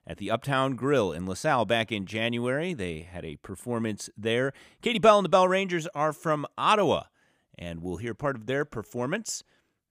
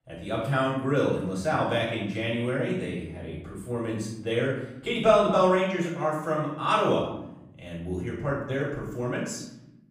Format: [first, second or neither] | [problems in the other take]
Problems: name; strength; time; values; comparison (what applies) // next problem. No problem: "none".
first | room echo; noticeable; dies away in 0.9 s // off-mic speech; far